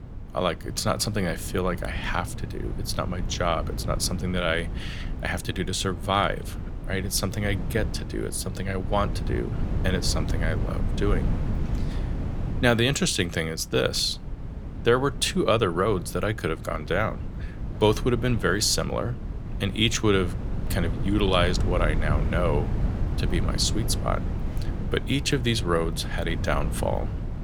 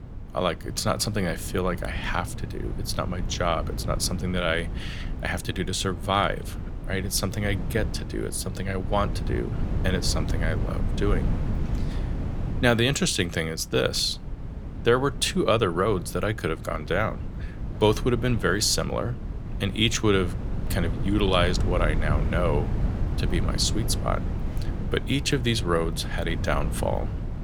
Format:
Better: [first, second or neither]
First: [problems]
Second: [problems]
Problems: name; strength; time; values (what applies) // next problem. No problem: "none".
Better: neither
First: wind noise on the microphone; occasional gusts; 15 dB below the speech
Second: wind noise on the microphone; occasional gusts; 15 dB below the speech